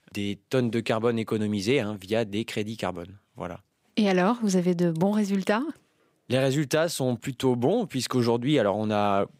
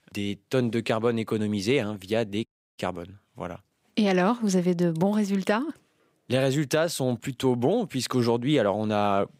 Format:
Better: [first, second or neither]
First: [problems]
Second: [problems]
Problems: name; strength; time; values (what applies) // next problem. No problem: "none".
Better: first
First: none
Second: audio cutting out; at 2.5 s